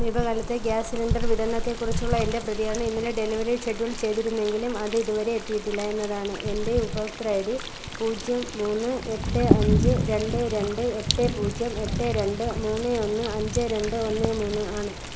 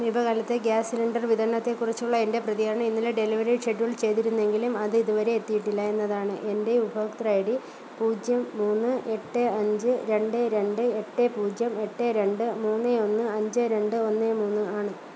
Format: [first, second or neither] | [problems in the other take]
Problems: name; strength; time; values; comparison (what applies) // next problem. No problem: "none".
second | background sound (Thunder); 2 dB below the speech